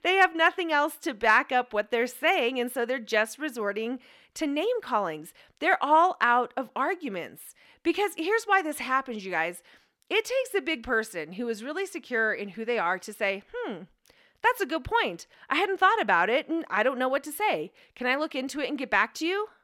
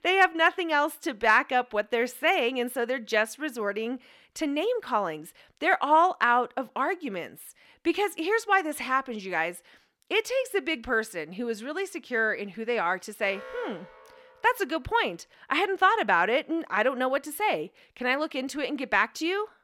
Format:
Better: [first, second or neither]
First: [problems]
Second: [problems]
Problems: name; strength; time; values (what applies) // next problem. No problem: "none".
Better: first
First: none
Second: alarm; faint; from 13 to 15 s; peak 15 dB below the speech